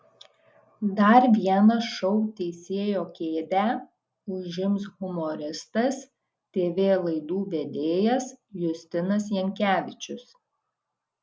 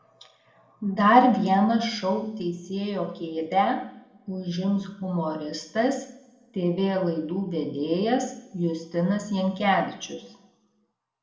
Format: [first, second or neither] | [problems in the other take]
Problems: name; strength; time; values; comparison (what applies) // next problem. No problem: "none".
first | room echo; dies away in 0.7 s